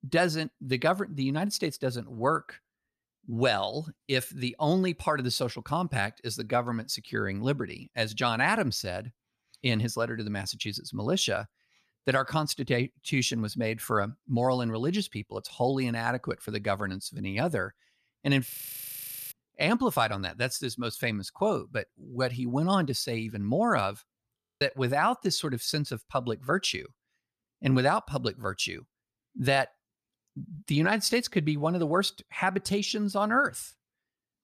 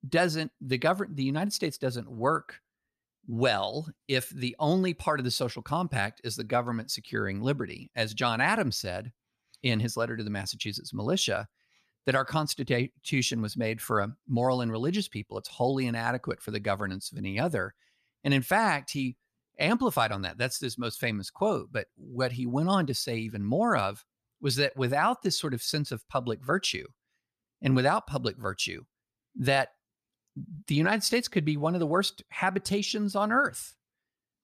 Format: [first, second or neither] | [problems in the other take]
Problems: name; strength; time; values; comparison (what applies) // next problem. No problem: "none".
second | audio freezing; at 18 s for 1 s and at 24 s